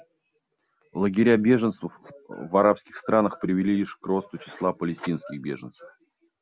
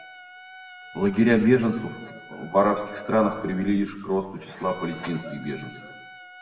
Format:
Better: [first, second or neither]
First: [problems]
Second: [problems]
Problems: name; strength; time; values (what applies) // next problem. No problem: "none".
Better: first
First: none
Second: background sound (Trumpet); 20 dB below the speech // room echo; dies away in 0.9 s